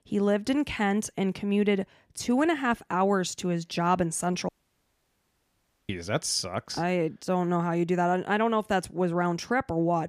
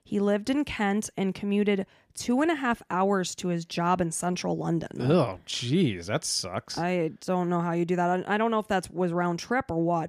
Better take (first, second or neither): second